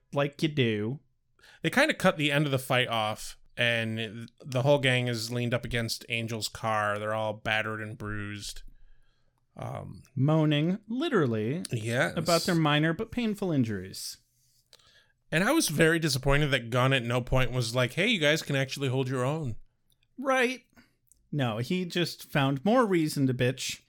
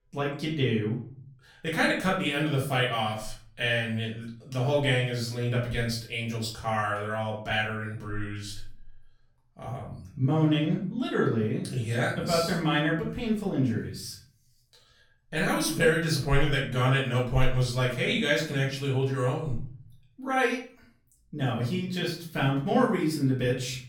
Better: first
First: none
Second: off-mic speech; far // room echo; slight; dies away in 0.4 s

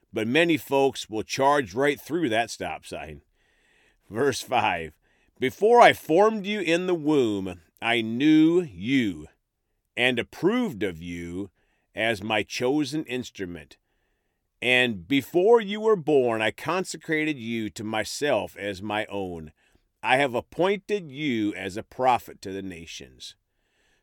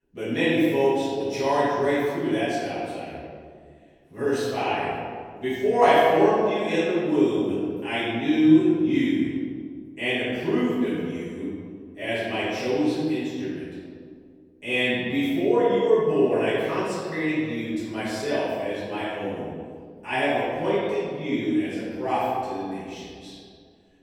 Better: first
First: none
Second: off-mic speech; far // room echo; strong; dies away in 1.8 s

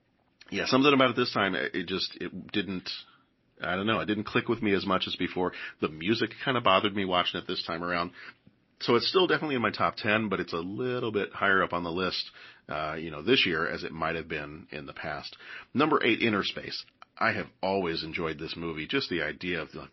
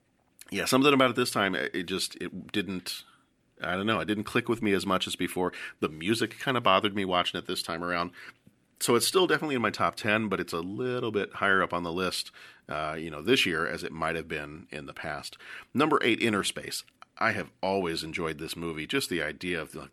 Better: second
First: garbled, watery; slightly; nothing above 5.5 kHz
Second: none

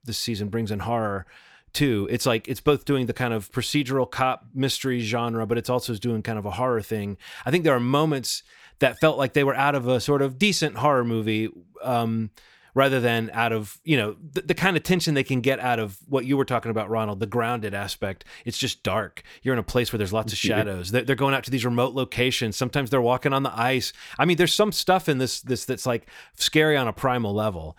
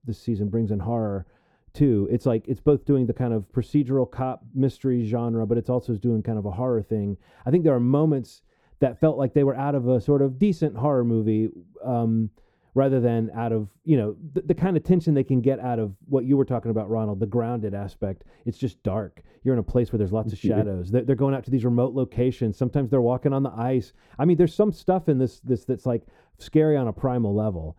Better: first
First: none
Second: muffled; very; fading above 1 kHz

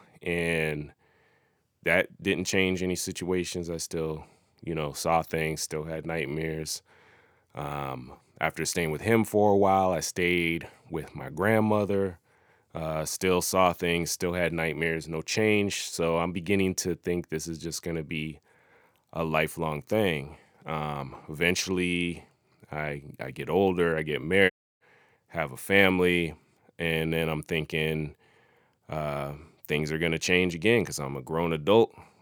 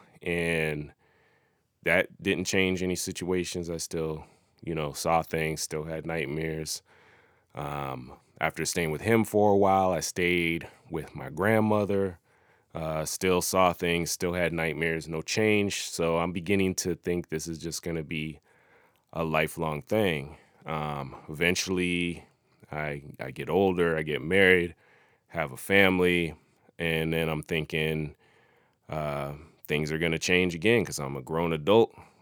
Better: second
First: audio cutting out; at 25 s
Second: none

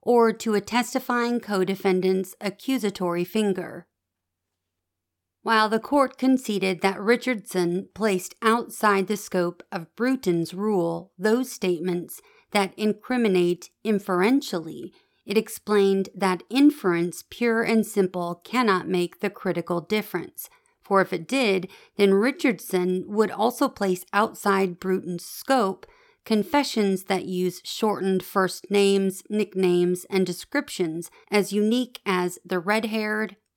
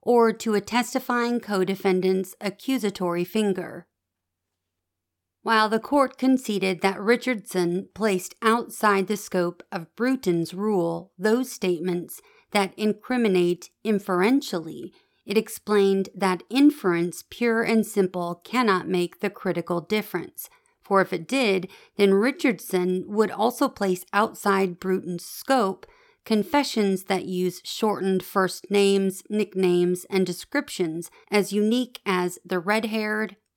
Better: neither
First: none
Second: none

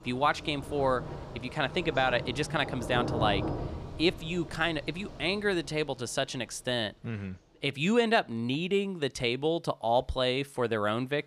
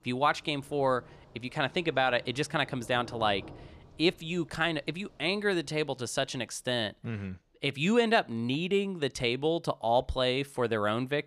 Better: second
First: rain or running water; loud; throughout; 9 dB below the speech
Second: rain or running water; faint; throughout; 25 dB below the speech

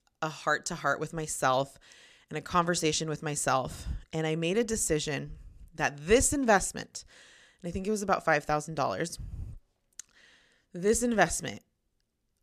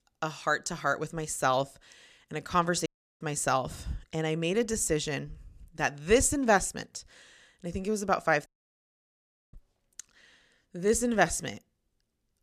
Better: first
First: none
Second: audio cutting out; at 3 s and at 8.5 s for 1 s

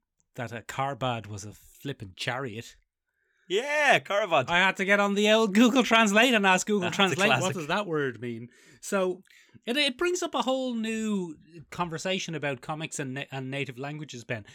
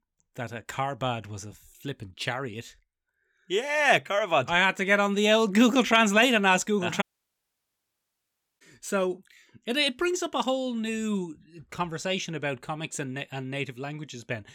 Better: first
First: none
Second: audio cutting out; at 7 s for 1.5 s

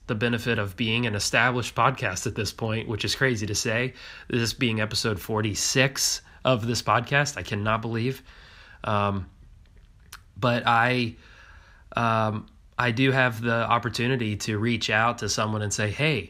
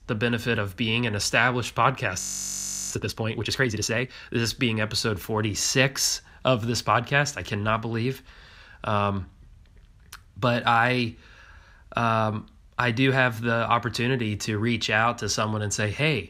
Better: first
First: none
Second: audio freezing; at 2 s for 0.5 s

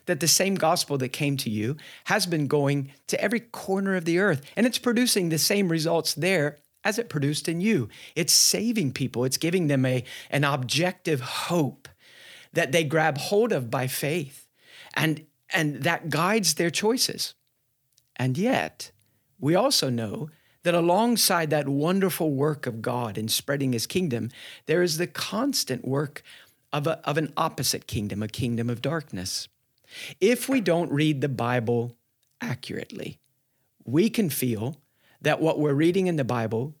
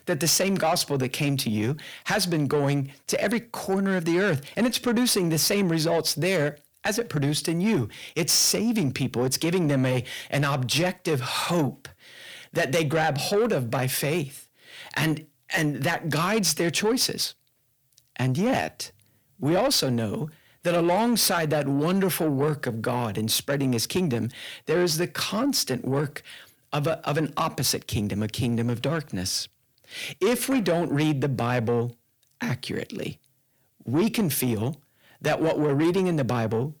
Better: first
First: none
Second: distortion; slight; 10 dB below the speech

